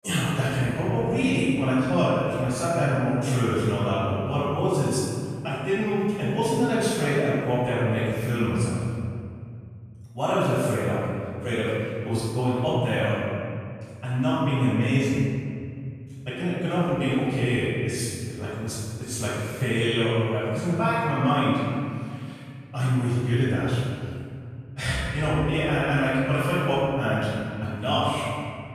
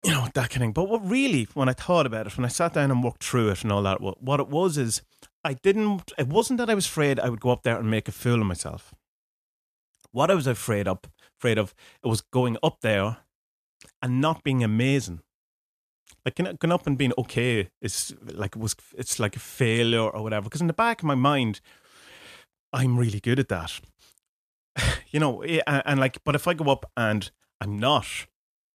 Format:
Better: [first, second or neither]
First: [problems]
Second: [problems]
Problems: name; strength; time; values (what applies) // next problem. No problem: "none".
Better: second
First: off-mic speech; far // room echo; strong; dies away in 2.3 s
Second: none